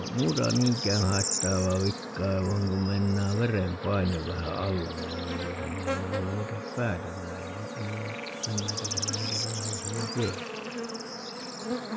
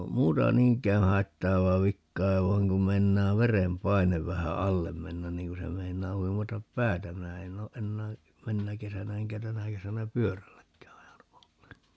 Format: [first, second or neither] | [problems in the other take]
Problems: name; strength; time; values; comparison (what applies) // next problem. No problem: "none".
second | background sound (Bird / Insect); 4 dB below the speech